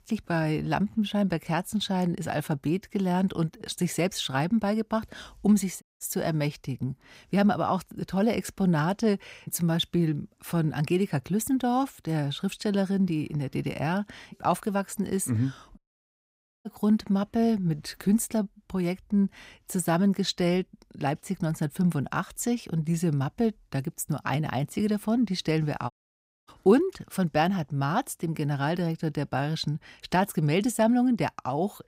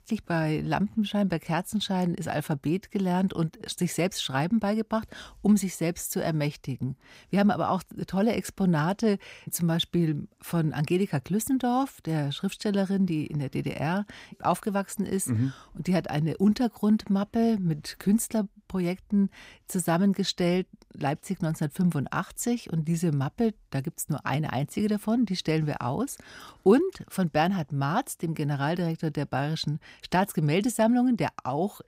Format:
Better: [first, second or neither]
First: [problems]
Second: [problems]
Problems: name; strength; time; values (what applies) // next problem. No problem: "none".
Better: second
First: audio cutting out; at 6 s, at 16 s for 1 s and at 26 s for 0.5 s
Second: none